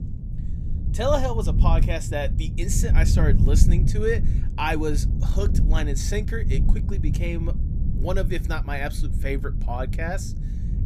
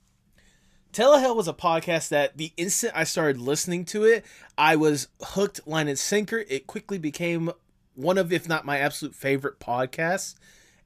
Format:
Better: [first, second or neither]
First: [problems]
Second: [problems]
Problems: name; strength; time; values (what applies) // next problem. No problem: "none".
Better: second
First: low rumble; loud; throughout; 10 dB below the speech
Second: none